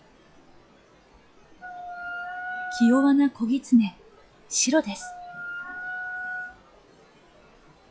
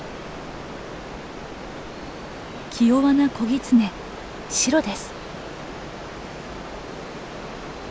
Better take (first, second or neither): second